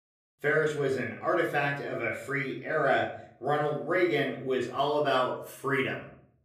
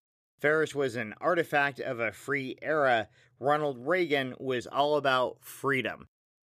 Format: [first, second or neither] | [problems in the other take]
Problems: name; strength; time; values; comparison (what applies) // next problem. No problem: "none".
second | off-mic speech; far // room echo; slight; dies away in 0.5 s